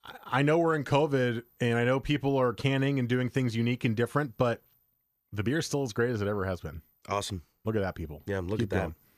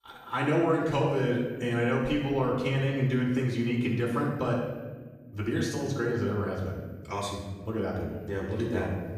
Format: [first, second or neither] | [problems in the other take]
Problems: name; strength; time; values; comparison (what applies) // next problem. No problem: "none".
first | room echo; noticeable; dies away in 1.2 s // off-mic speech; far